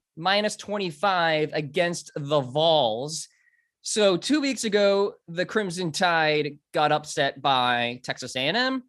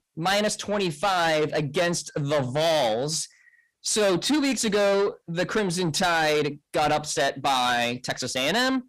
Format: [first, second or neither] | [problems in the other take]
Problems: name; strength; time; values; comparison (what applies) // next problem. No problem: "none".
first | distortion; heavy; 8 dB below the speech